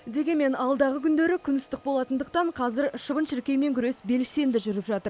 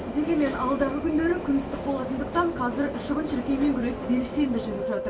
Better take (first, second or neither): first